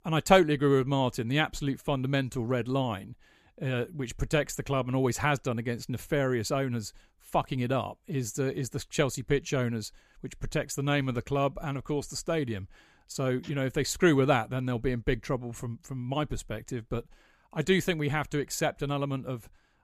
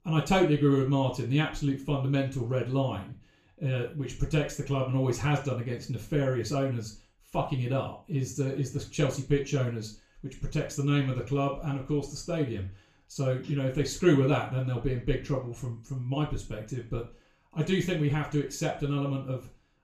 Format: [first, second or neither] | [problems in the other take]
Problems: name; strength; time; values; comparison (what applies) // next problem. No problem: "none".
first | room echo; slight; dies away in 0.3 s // off-mic speech; far